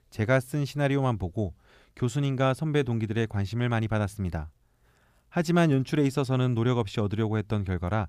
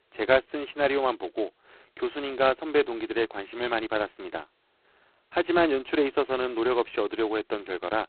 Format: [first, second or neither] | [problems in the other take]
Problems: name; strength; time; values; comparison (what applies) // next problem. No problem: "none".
first | phone-call audio; poor line; nothing above 4 kHz